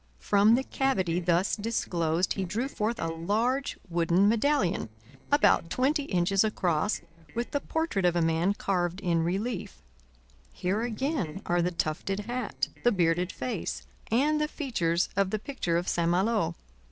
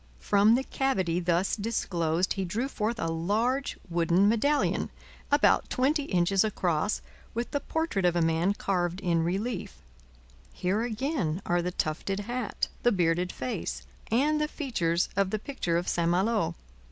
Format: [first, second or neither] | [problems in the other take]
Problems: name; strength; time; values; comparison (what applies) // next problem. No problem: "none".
second | noise reduction (neural separator model SepFormer DNS4)